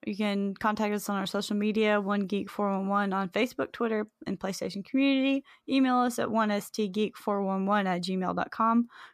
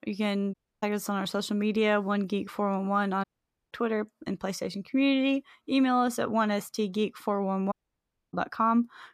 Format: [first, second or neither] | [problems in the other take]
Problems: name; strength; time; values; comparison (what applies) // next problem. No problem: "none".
first | audio cutting out; at 0.5 s, at 3 s and at 7.5 s for 0.5 s